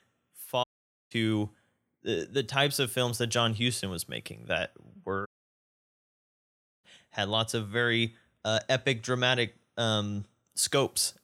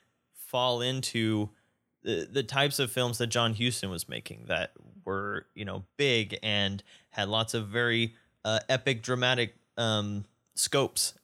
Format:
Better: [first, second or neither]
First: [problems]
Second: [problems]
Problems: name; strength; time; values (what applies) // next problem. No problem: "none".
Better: second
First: audio cutting out; at 0.5 s and at 5.5 s for 1.5 s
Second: none